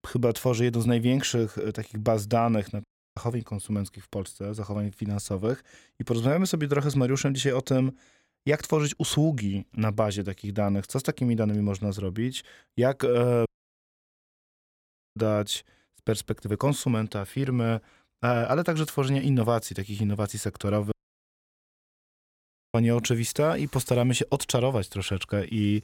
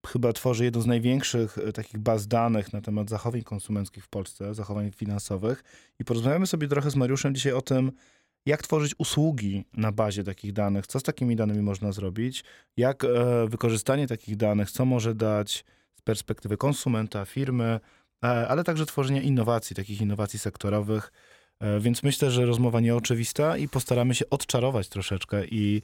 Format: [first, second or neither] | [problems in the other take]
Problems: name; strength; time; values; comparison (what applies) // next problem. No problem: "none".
second | audio cutting out; at 3 s, at 13 s for 1.5 s and at 21 s for 2 s